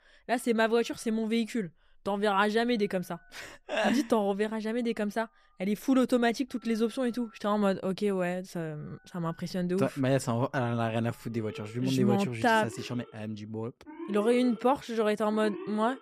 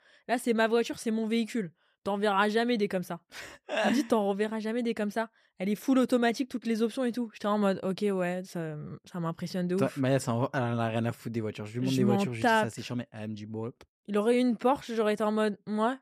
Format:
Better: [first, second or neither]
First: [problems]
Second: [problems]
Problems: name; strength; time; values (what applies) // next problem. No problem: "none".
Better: second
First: alarms or sirens; noticeable; throughout; 15 dB below the speech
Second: none